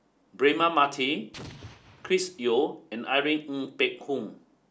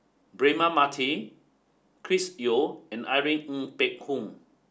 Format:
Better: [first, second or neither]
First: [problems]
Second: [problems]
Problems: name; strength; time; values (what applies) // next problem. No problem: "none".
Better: second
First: background sound (Explosion); 19 dB below the speech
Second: none